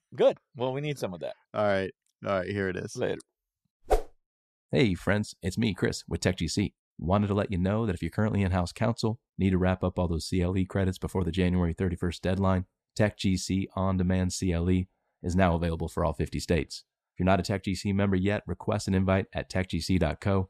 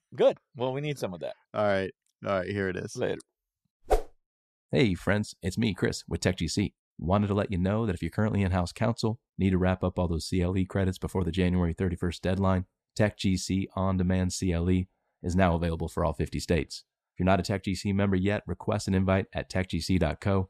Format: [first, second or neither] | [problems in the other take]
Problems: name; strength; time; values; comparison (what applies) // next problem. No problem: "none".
neither | none